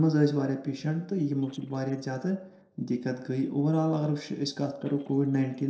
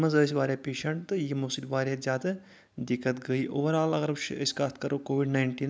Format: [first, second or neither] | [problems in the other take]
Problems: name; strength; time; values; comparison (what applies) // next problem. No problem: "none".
second | noise reduction (neural separator model SepFormer DNS4)